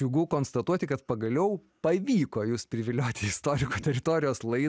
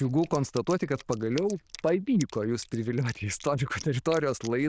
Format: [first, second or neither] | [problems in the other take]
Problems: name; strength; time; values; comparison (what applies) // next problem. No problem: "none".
first | noise reduction (neural diffusion model UNIVERSE++)